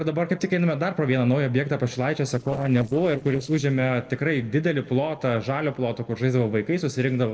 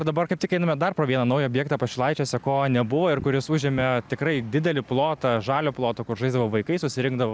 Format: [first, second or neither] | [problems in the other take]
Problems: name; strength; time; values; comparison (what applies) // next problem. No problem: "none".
second | noise reduction (neural separator model SepFormer DNS4)